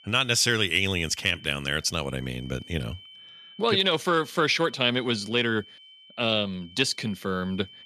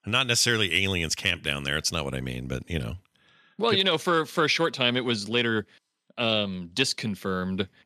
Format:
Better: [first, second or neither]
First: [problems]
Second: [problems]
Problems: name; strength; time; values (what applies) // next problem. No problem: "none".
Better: second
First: high-pitched whine; faint; throughout; 3 kHz, 20 dB below the speech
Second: none